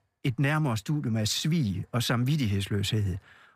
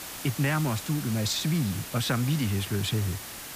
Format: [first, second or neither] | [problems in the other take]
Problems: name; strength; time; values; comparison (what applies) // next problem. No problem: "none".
first | hiss; loud; throughout; 9 dB below the speech